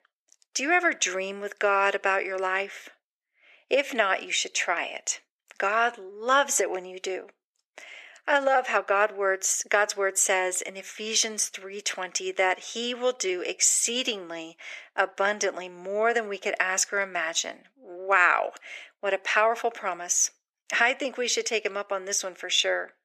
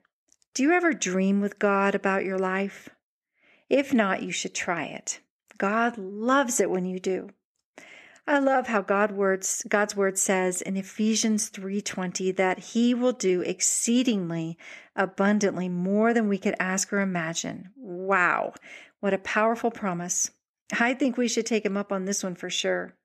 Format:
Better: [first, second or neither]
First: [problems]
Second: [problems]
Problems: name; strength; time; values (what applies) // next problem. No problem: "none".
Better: second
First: thin; very; fading below 450 Hz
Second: none